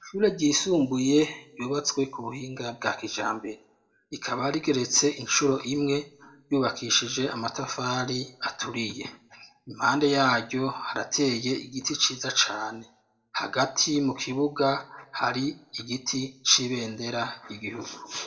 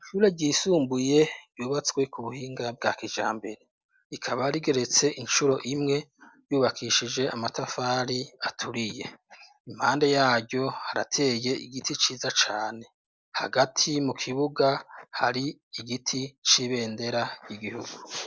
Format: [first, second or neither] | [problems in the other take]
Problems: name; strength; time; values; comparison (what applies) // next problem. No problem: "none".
second | room echo; dies away in 0.3 s